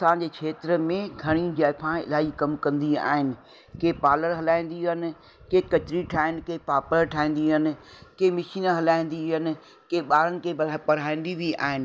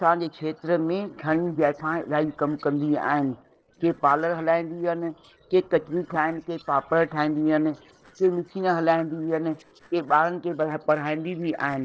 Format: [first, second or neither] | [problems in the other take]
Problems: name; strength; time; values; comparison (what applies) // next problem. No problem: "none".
first | noise reduction (neural separator model SepFormer DNS4)